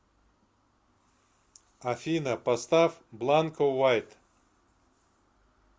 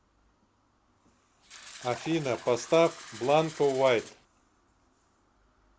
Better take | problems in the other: first | background sound (Fill (with liquid)); 16 dB below the speech

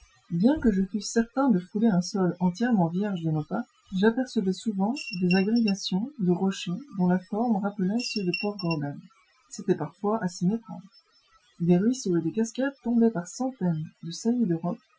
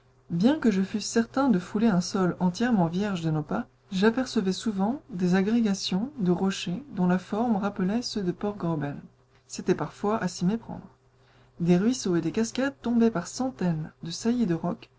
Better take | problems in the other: second | noise reduction (classical method Wiener filter)

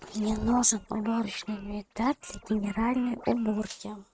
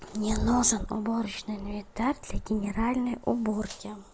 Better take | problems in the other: second | noise reduction (neural mask model RNNoise)

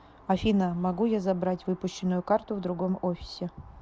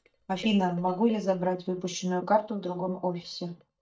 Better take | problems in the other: first | noise reduction (neural mask model DeepFilterNet 3)

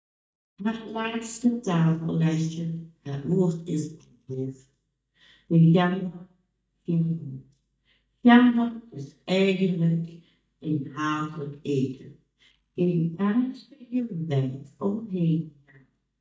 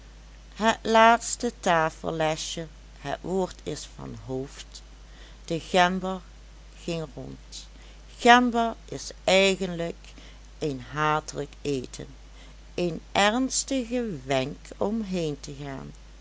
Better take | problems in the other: second | noise reduction (neural mask model DeepFilterNet 3)

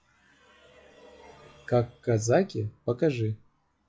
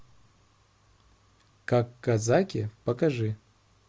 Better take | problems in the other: second | noise reduction (classical method log-MMSE)

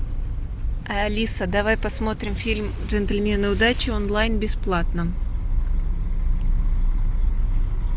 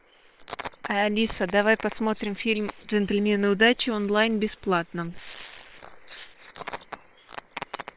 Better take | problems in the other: first | noise reduction (neural separator model SepFormer WHAM!)

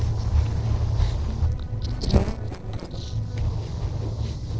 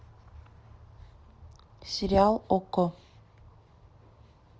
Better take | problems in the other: second | noise reduction (neural separator model SepFormer DNS4)

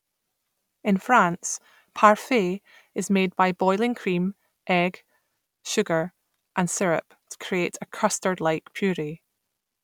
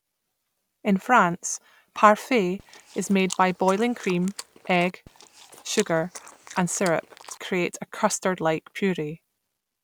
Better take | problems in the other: first | background sound (Chewing, mastication); 17 dB below the speech

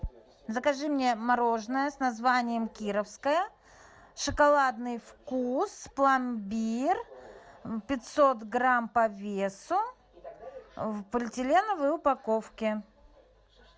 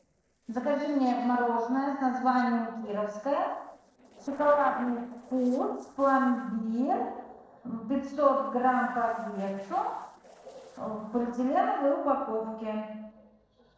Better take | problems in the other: first | noise reduction (neural separator model SepFormer DNS4)

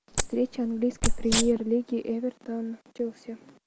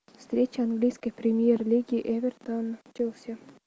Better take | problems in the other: second | background sound (Wild animals); 1 dB above the speech

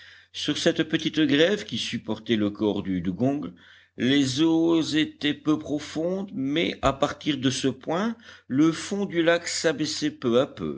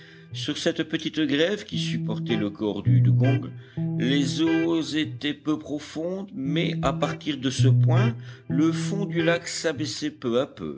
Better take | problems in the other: first | background sound (Electric guitar); as loud as the speech

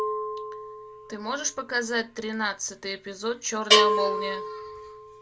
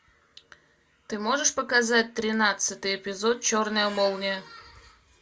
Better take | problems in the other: second | background sound (Bell); 3 dB above the speech

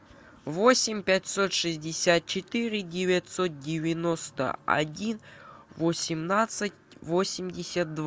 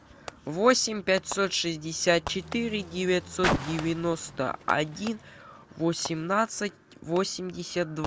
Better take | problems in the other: first | background sound (Fireworks + Car); 10 dB below the speech

